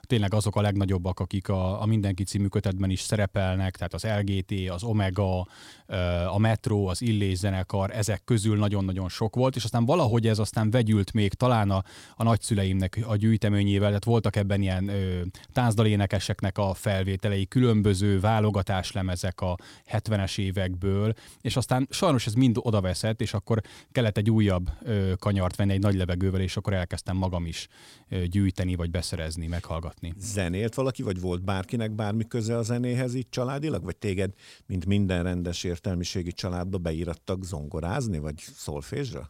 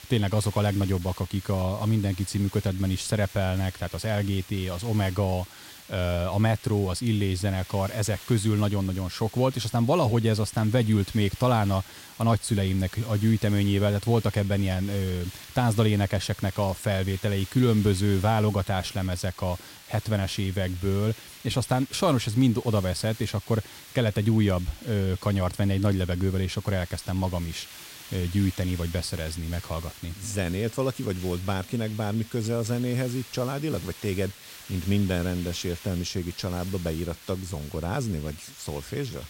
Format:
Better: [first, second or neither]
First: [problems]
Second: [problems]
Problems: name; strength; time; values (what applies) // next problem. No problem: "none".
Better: first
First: none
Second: hiss; noticeable; throughout; 15 dB below the speech